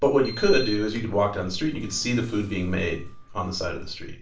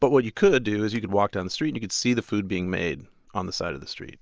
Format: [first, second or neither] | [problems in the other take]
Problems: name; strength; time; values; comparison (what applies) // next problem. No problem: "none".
second | background sound (Sliding door); 18 dB below the speech // room echo; dies away in 0.3 s